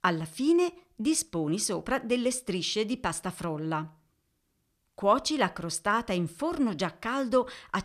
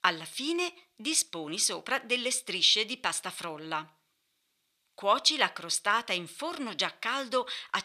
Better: first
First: none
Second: thin; somewhat; fading below 1 kHz

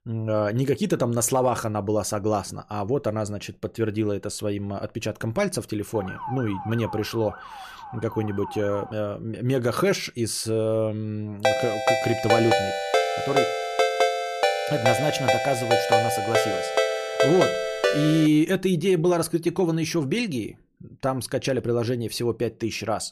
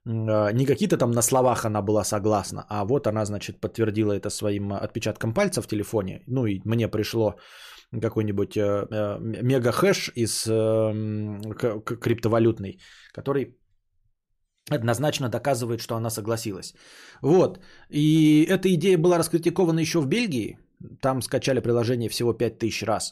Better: second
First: siren; noticeable; from 6 to 9 s; peak 9 dB below the speech // phone ringing; loud; from 11 to 18 s; peak 5 dB above the speech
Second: none

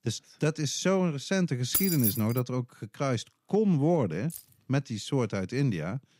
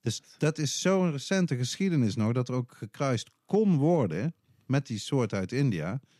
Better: second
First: jangling keys; loud; at 1.5 s; peak 3 dB above the speech // jangling keys; faint; at 4.5 s; peak 15 dB below the speech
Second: none

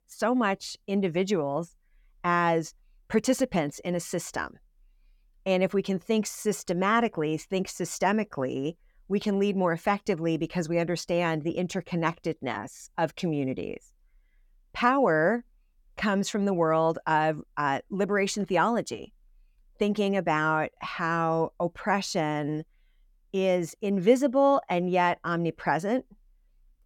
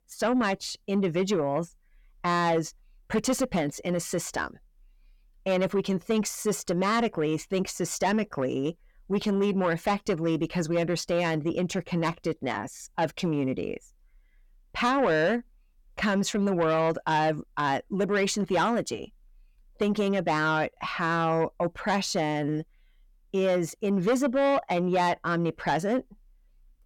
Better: first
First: none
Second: distortion; slight; 10 dB below the speech

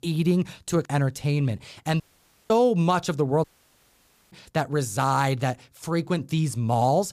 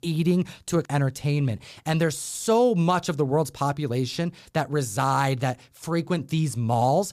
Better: second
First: audio cutting out; at 2 s for 0.5 s and at 3.5 s for 1 s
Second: none

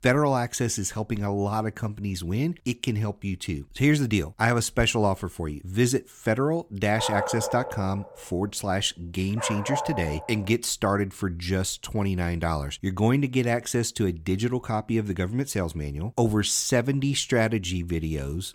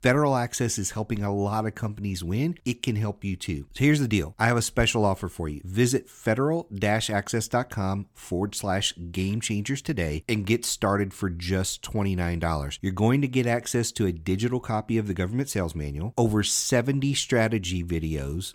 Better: second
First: dog barking; noticeable; from 7 to 10 s; peak 3 dB below the speech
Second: none

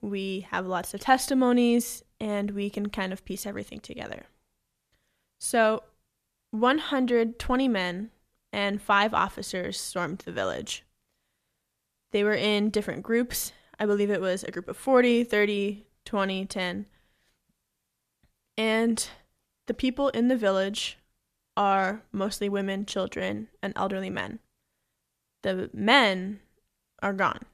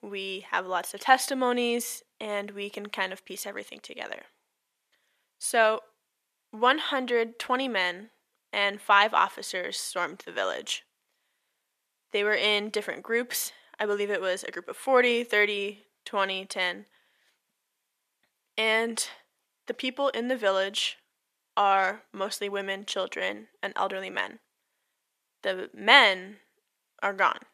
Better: first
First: none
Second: thin; somewhat; fading below 400 Hz

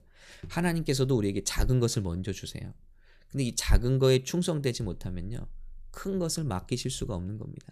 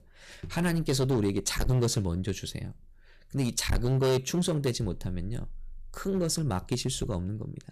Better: first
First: none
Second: distortion; heavy; 6% of the sound clipped

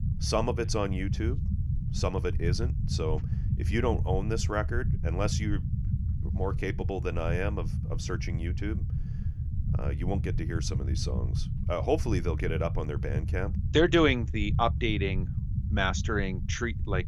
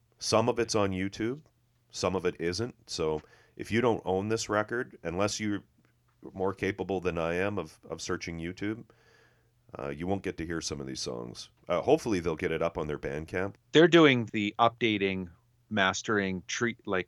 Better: second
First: low rumble; noticeable; throughout; 15 dB below the speech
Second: none

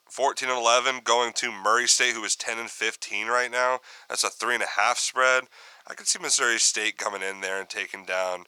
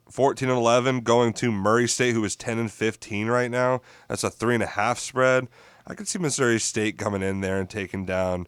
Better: second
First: thin; very; fading below 800 Hz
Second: none

